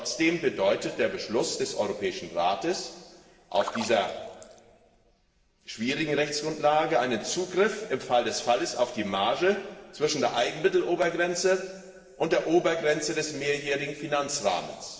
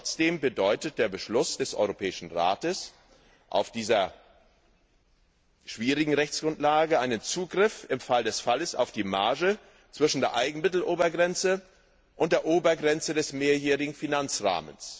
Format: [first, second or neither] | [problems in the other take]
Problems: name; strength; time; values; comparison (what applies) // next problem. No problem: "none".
second | noise reduction (neural separator model SepFormer DNS4)